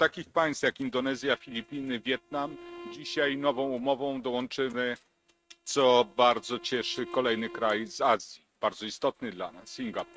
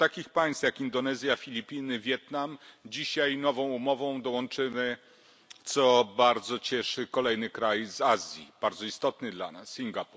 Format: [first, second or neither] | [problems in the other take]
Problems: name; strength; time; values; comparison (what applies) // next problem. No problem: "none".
second | noise reduction (neural mask model RNNoise)